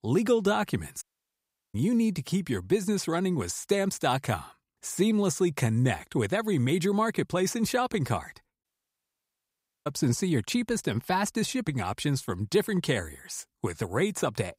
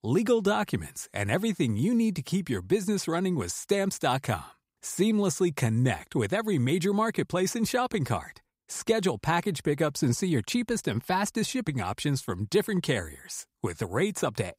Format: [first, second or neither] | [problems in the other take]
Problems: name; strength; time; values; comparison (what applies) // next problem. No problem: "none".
second | audio cutting out; at 1 s for 0.5 s and at 8.5 s for 1 s